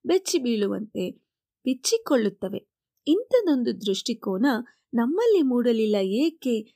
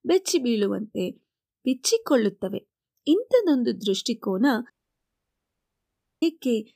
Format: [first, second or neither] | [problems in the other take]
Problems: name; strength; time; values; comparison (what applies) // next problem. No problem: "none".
first | audio cutting out; at 4.5 s for 1.5 s